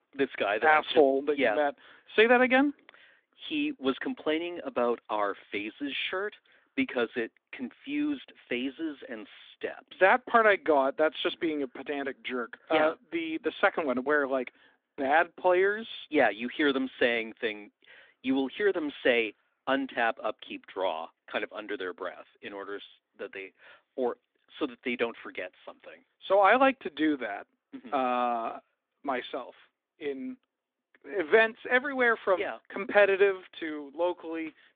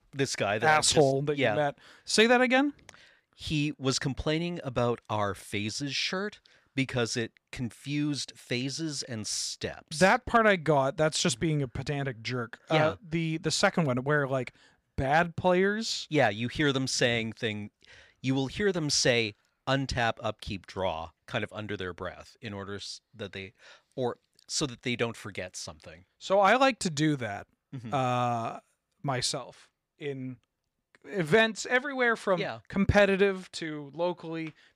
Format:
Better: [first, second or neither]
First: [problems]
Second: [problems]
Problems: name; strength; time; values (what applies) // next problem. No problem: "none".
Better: second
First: phone-call audio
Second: none